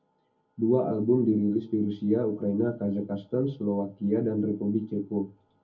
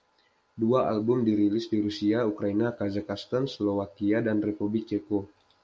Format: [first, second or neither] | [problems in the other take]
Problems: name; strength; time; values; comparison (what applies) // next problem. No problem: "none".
second | room echo; dies away in 0.3 s